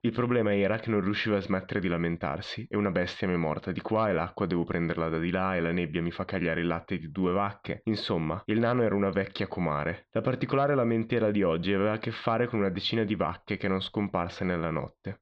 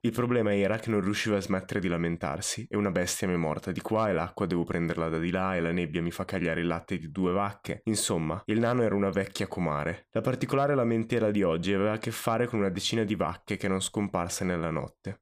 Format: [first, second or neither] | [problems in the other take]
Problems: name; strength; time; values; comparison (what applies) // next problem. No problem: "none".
second | muffled; slightly; fading above 4 kHz